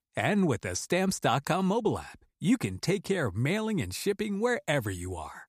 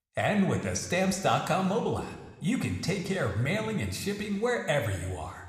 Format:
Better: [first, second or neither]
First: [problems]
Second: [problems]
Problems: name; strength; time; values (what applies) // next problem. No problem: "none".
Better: first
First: none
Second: room echo; slight; dies away in 1.1 s